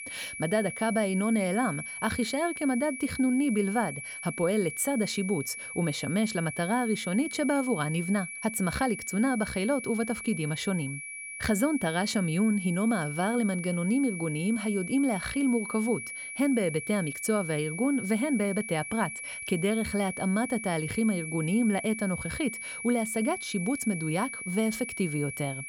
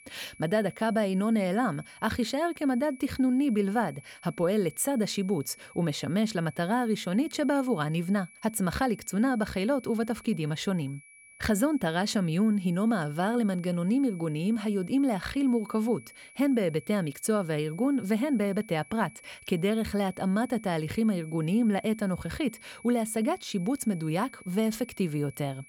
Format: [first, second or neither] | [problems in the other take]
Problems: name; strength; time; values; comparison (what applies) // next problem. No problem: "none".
second | high-pitched whine; loud; throughout; 2.5 kHz, 8 dB below the speech; faint in the second